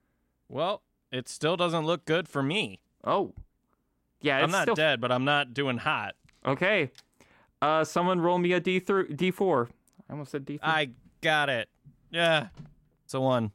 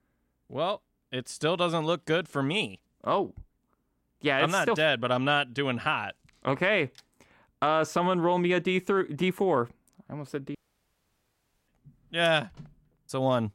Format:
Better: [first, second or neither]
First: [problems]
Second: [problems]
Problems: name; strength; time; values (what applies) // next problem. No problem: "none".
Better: first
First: none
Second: audio cutting out; at 11 s for 1 s